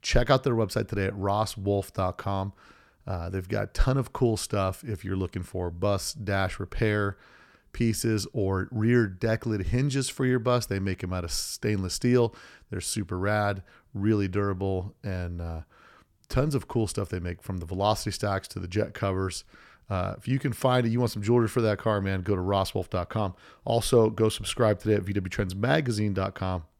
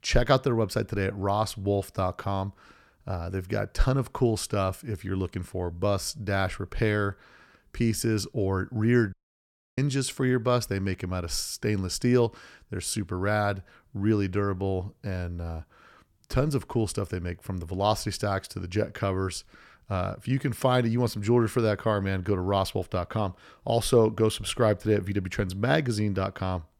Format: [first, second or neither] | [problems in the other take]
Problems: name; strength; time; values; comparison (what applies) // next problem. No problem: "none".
first | audio cutting out; at 9 s for 0.5 s